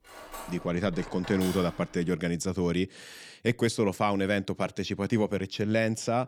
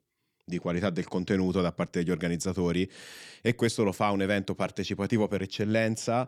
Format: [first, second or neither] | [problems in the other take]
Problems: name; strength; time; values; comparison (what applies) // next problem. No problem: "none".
second | clattering dishes; noticeable; until 2 s; peak 9 dB below the speech